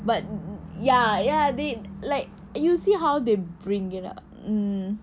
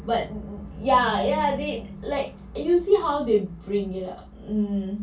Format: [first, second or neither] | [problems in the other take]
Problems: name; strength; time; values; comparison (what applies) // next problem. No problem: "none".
first | room echo; dies away in 0.2 s